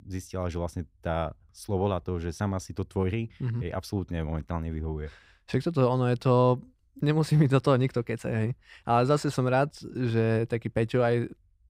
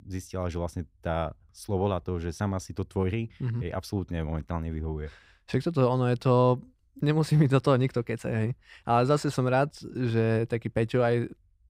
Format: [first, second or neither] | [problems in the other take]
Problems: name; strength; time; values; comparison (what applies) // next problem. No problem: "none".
neither | none